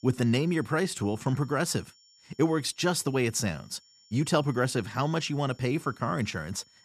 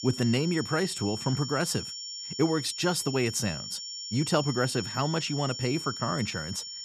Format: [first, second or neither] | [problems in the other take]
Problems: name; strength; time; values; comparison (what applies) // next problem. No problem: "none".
first | high-pitched whine; loud; throughout; 5.5 kHz, 7 dB below the speech; faint in the first